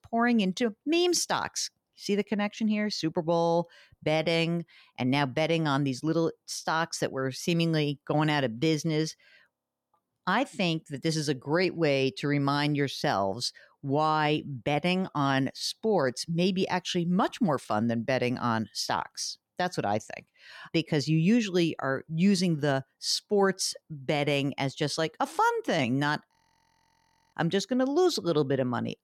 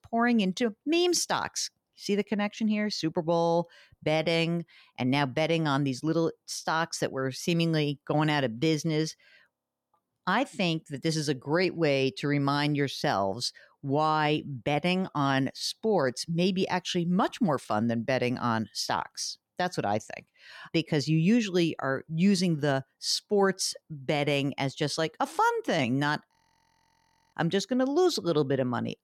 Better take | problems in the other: neither | audio freezing; at 9.5 s and at 26 s for 1 s; the same in both

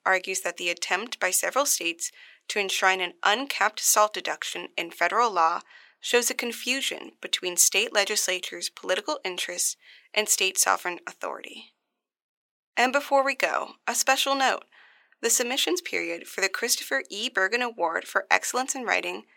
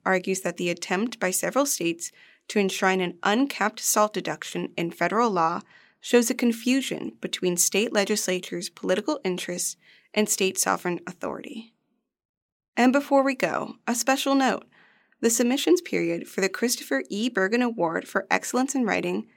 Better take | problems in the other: second | thin; somewhat; fading below 600 Hz

